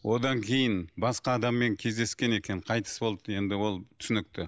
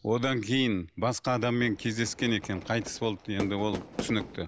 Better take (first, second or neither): first